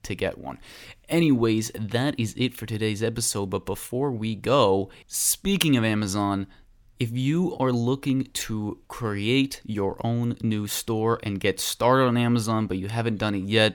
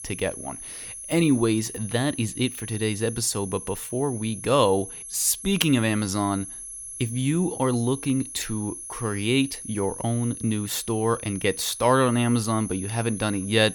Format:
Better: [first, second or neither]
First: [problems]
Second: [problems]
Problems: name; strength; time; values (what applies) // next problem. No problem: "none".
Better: first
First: none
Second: high-pitched whine; noticeable; throughout; 11 kHz, 10 dB below the speech